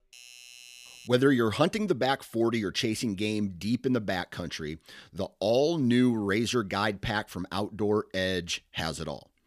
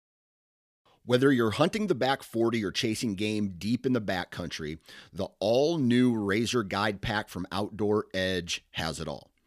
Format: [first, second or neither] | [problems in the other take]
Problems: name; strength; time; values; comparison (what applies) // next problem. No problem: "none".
second | doorbell; faint; until 1 s; peak 20 dB below the speech